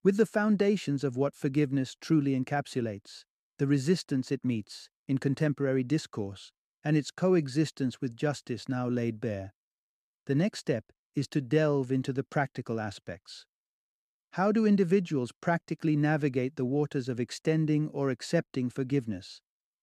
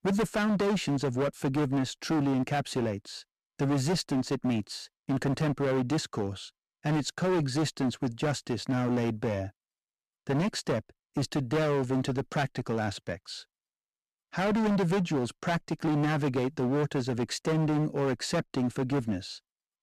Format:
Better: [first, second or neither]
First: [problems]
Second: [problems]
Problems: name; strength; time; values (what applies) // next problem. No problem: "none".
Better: first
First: none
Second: distortion; heavy; 19% of the sound clipped